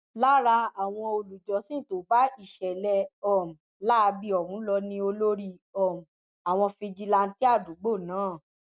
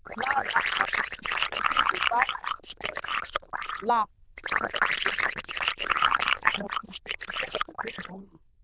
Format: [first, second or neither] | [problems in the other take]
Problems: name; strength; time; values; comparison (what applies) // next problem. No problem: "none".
first | noise reduction (neural diffusion model UNIVERSE++)